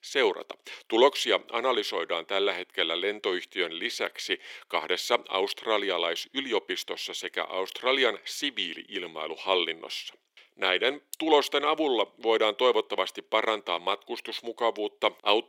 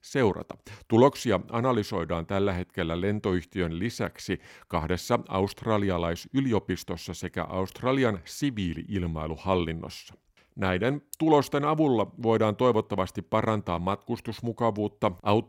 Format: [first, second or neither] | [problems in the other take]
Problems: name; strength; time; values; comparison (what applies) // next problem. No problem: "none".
second | thin; very; fading below 400 Hz